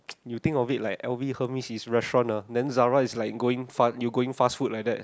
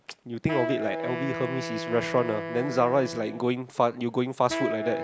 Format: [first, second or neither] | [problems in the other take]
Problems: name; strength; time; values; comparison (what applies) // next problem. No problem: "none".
first | background sound (Wind instrument, woodwind instrument); 6 dB below the speech